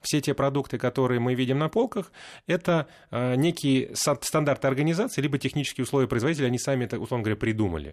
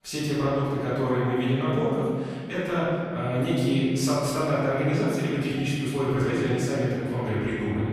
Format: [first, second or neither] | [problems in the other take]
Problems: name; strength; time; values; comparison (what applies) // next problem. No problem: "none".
first | off-mic speech; far // room echo; strong; dies away in 1.9 s